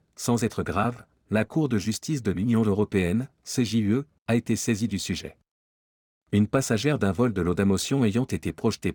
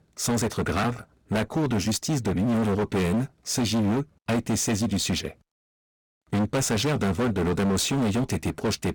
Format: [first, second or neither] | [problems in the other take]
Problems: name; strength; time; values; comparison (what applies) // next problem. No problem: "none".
first | distortion; heavy; 24% of the sound clipped